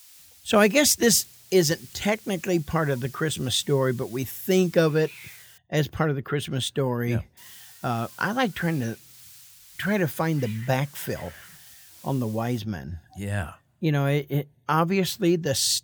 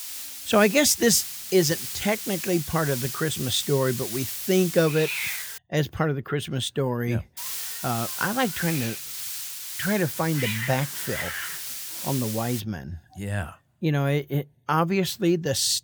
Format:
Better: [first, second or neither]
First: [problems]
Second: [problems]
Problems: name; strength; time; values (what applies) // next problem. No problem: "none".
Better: first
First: hiss; faint; until 5.5 s and from 7.5 to 13 s; 20 dB below the speech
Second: hiss; loud; until 5.5 s and from 7.5 to 13 s; 5 dB below the speech